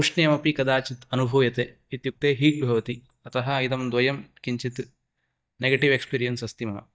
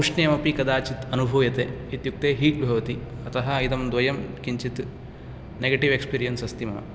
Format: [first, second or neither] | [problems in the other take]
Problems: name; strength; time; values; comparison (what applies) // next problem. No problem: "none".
second | noise reduction (neural mask model DeepFilterNet 3)